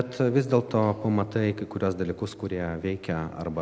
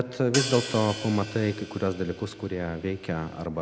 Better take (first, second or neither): first